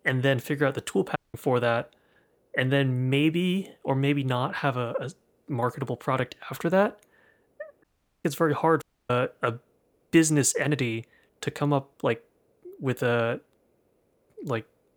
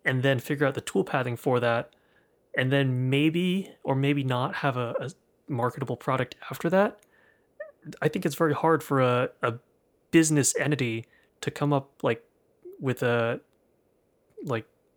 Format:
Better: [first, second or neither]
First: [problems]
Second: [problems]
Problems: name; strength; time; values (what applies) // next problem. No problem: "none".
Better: second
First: audio cutting out; at 1 s, at 8 s and at 9 s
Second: none